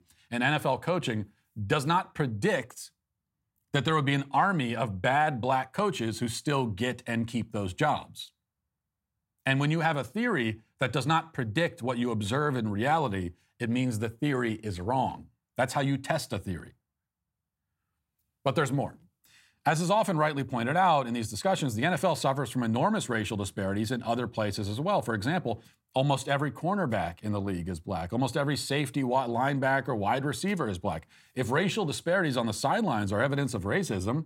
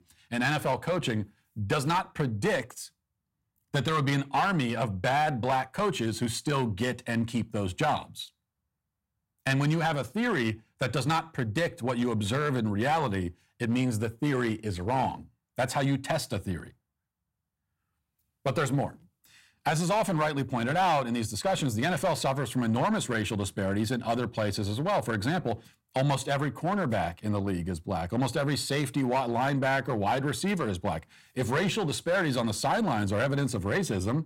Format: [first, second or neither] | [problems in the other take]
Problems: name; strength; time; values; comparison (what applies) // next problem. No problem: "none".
first | distortion; slight; 7% of the sound clipped